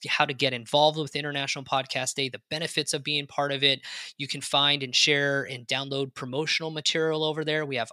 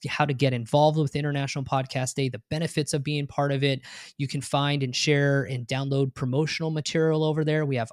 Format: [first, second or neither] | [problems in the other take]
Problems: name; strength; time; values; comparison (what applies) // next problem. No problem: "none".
second | thin; somewhat; fading below 550 Hz